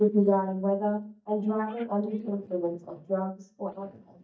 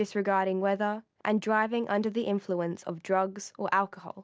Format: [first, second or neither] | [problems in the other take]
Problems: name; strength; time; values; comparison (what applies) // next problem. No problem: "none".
second | noise reduction (neural mask model DeepFilterNet 3)